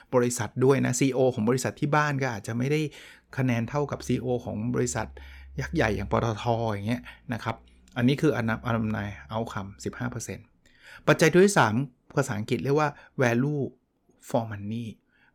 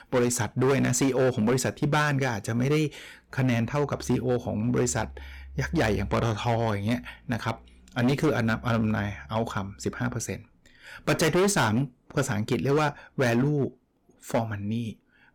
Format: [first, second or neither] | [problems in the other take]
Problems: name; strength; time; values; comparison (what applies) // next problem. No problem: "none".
first | distortion; heavy; 10% of the sound clipped